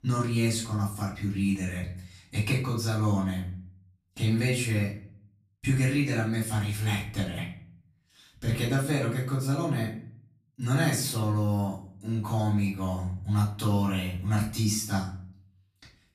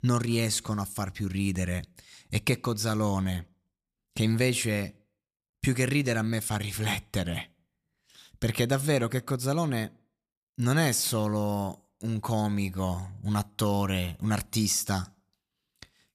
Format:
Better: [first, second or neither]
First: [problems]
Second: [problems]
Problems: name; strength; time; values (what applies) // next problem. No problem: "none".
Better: second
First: off-mic speech; far // room echo; slight; dies away in 0.5 s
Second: none